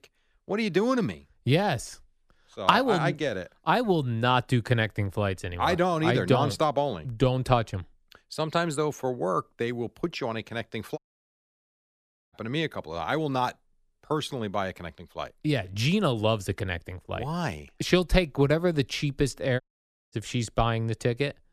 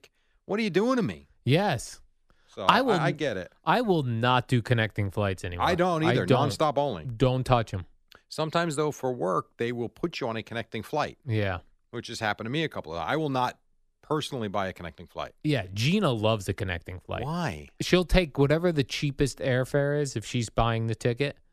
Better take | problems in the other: second | audio cutting out; at 11 s for 1.5 s and at 20 s for 0.5 s

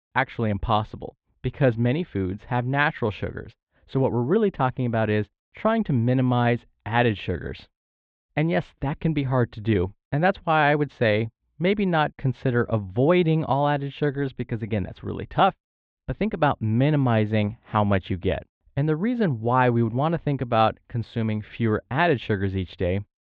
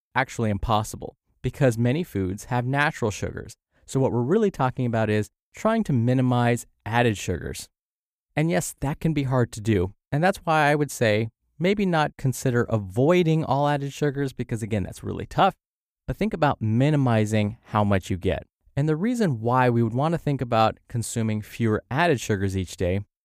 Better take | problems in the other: second | muffled; very; fading above 3.5 kHz

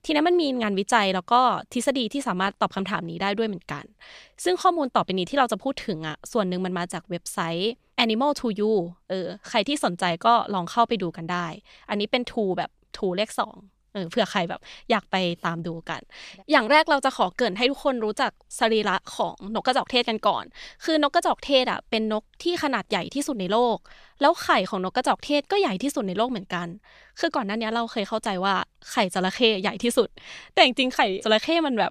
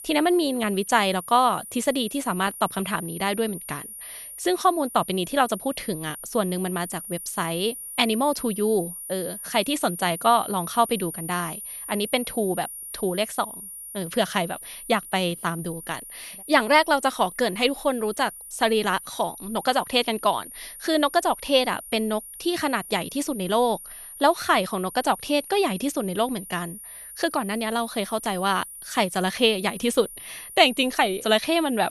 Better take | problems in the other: first | high-pitched whine; noticeable; throughout; 9.5 kHz, 10 dB below the speech

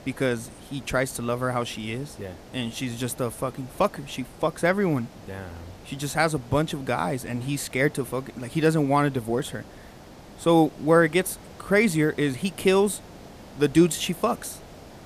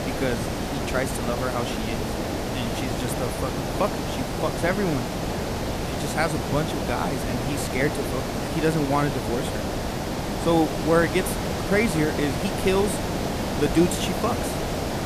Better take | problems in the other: first | hiss; loud; throughout; 1 dB below the speech; faint in the first

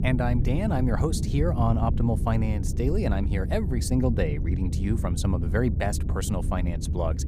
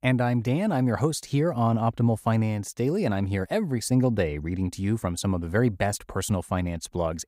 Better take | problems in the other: second | low rumble; loud; throughout; 10 dB below the speech

